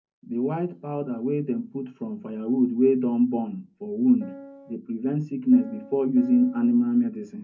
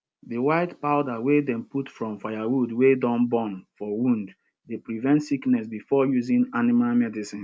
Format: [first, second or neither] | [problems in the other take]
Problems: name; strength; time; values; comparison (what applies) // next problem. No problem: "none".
second | background sound (Piano); 17 dB below the speech // room echo; dies away in 0.3 s